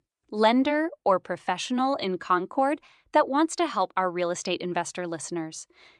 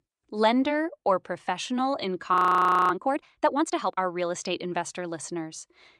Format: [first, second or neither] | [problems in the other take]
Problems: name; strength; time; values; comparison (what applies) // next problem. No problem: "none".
first | audio freezing; at 2.5 s for 0.5 s